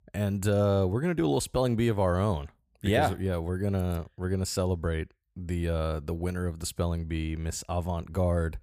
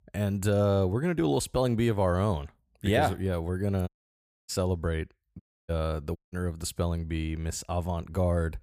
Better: first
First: none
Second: audio cutting out; at 4 s for 0.5 s, at 5.5 s and at 6 s

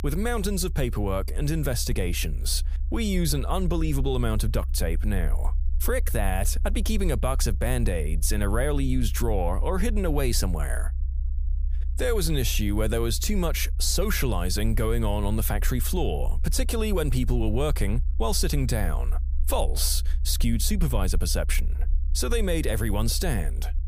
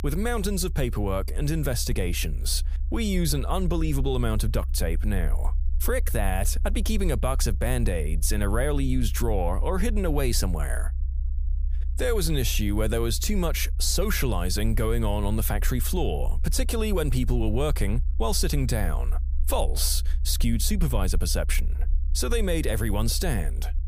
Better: neither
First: low rumble; faint; throughout; 20 dB below the speech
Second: low rumble; faint; throughout; 20 dB below the speech

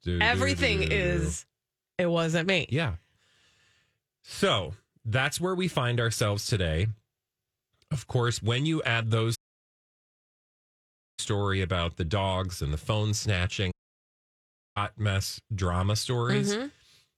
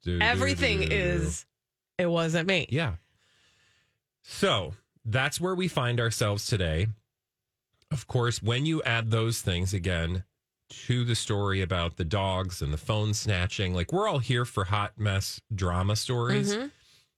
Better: second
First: audio cutting out; at 9.5 s for 2 s and at 14 s for 1 s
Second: none

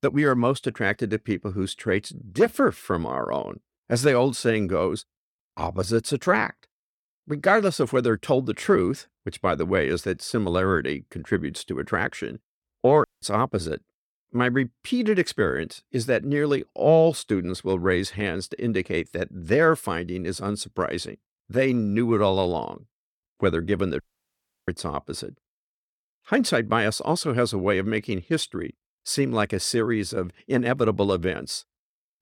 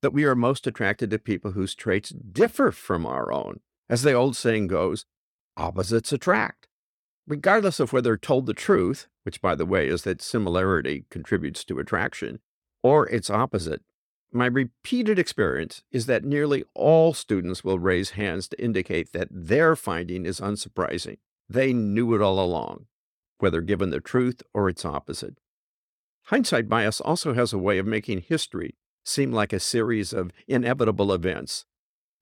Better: second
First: audio cutting out; at 13 s and at 24 s for 0.5 s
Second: none

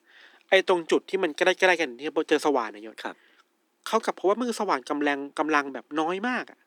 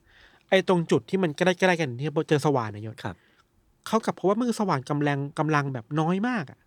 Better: second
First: thin; somewhat; fading below 250 Hz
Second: none

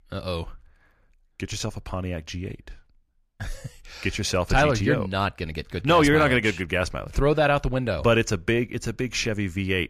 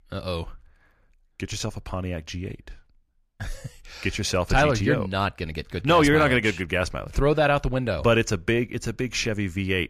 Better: neither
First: none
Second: none

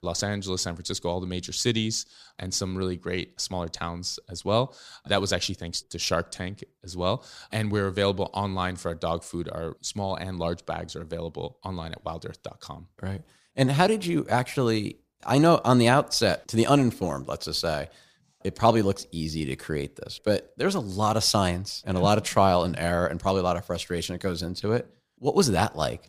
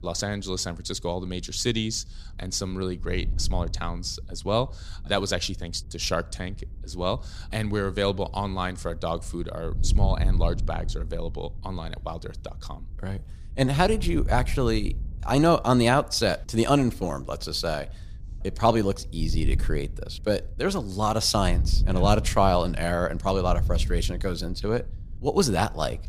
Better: first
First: none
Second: wind noise on the microphone; occasional gusts; 25 dB below the speech

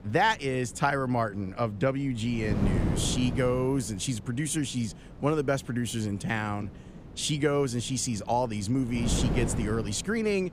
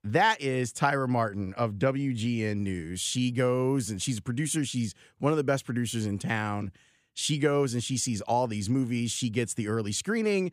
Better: second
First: wind noise on the microphone; occasional gusts; 10 dB below the speech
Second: none

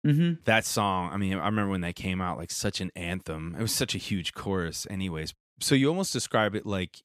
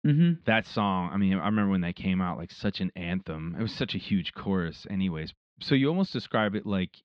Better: first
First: none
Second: muffled; very slightly; fading above 4 kHz

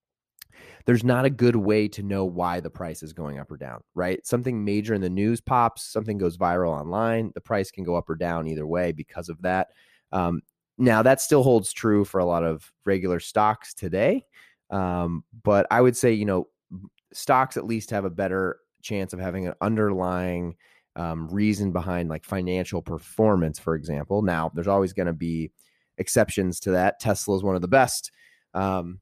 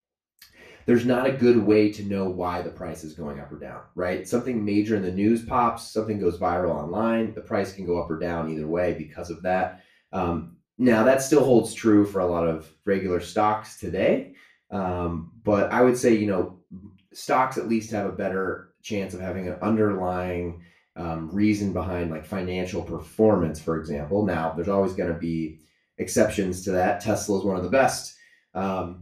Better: first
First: none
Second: room echo; slight; dies away in 0.3 s // off-mic speech; far

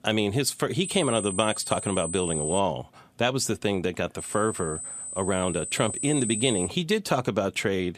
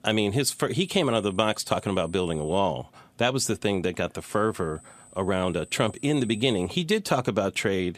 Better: second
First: high-pitched whine; loud; from 1 to 2.5 s and from 4 to 6.5 s; 8 kHz, 5 dB below the speech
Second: high-pitched whine; faint; from 1 to 2.5 s and from 4 to 6.5 s; 8 kHz, 25 dB below the speech

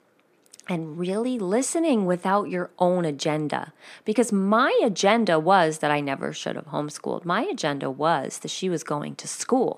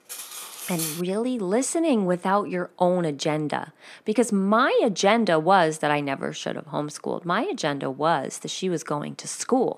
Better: first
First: none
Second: clattering dishes; noticeable; at the start; peak 5 dB below the speech

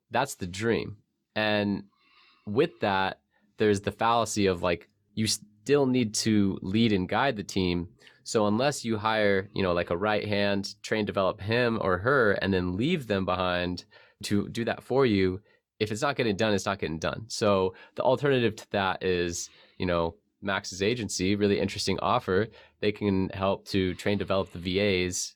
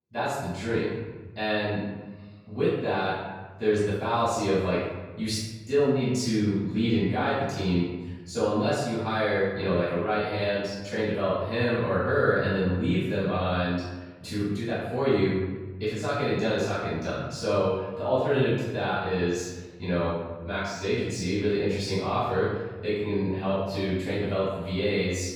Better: first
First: none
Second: room echo; strong; dies away in 1.4 s // off-mic speech; far

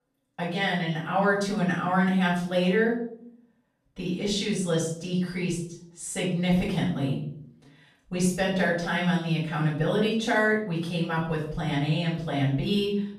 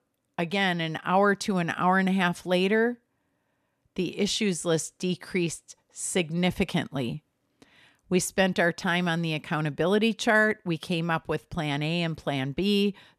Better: second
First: off-mic speech; far // room echo; noticeable; dies away in 0.5 s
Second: none

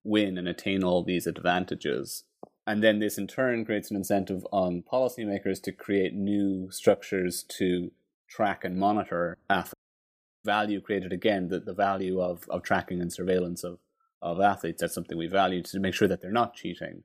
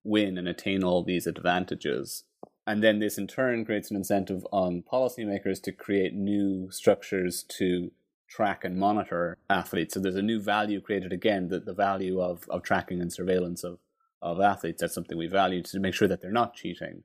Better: second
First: audio cutting out; at 9.5 s for 0.5 s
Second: none

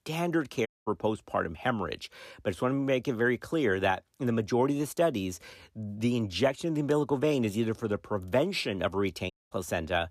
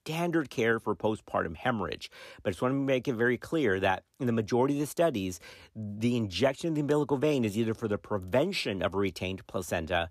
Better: second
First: audio cutting out; at 0.5 s and at 9.5 s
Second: none

